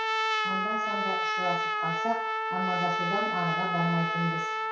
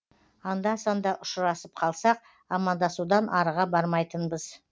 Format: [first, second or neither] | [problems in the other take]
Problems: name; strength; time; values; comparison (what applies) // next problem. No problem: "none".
second | background sound (Trumpet); 4 dB above the speech // room echo; dies away in 0.6 s